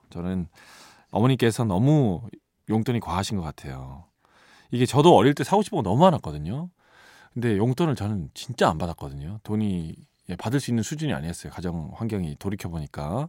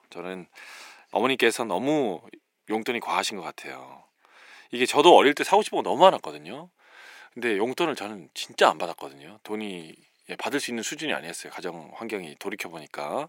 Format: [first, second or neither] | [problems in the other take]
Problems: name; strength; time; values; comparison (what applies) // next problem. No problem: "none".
first | thin; somewhat; fading below 350 Hz